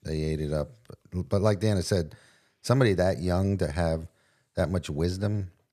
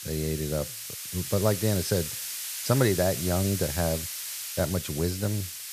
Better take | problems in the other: first | hiss; loud; throughout; 5 dB below the speech

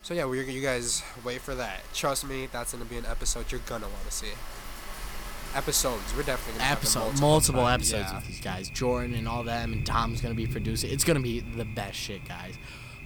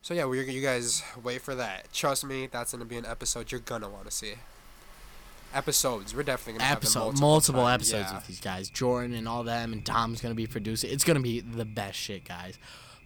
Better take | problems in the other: second | rain or running water; loud; throughout; 9 dB below the speech; faint in the second

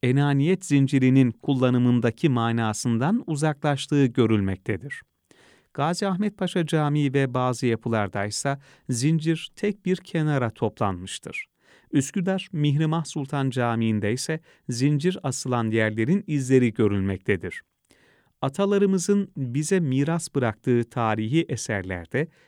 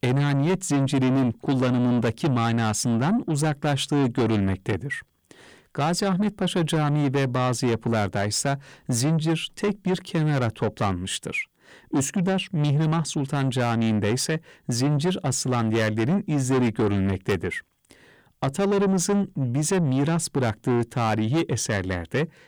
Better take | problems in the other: first | distortion; heavy; 8 dB below the speech

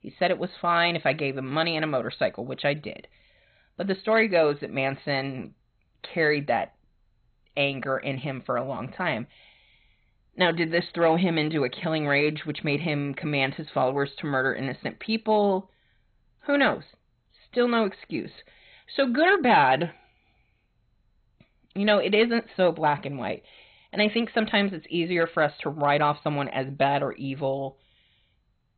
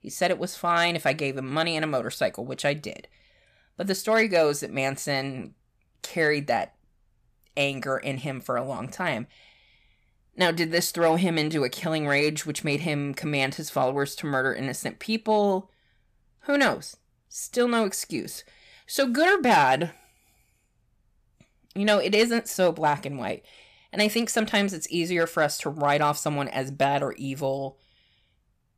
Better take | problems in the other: second | garbled, watery; badly; nothing above 4 kHz

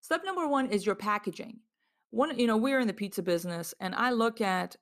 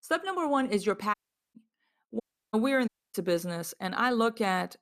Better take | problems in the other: first | audio cutting out; at 1 s, at 2 s and at 3 s

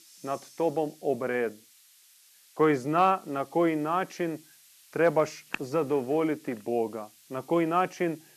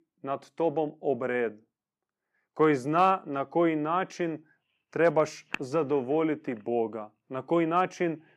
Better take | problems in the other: second | hiss; faint; throughout; 25 dB below the speech

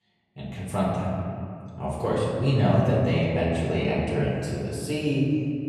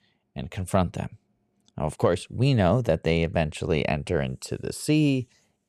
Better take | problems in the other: second | off-mic speech; far // room echo; noticeable; dies away in 2.2 s

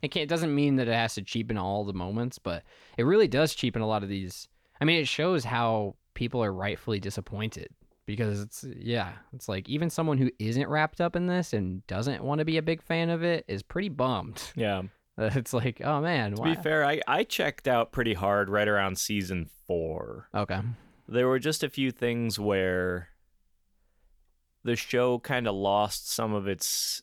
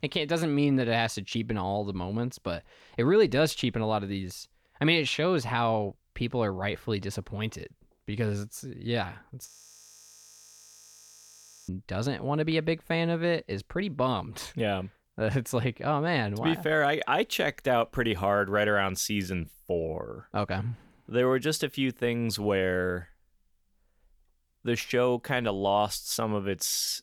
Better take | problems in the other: first | audio freezing; at 9.5 s for 2 s

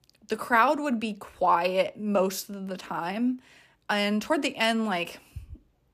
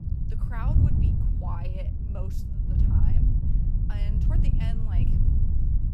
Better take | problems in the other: first | wind noise on the microphone; heavy; 3 dB above the speech

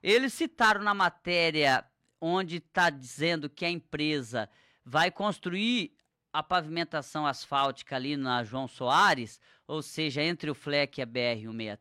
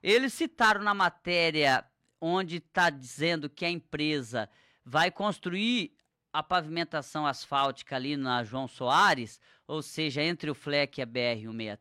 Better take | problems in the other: neither | none

